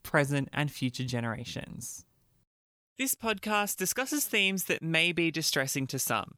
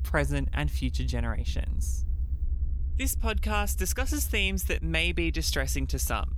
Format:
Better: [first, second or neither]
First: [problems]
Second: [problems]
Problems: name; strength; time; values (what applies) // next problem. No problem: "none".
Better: first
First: none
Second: low rumble; faint; throughout; 20 dB below the speech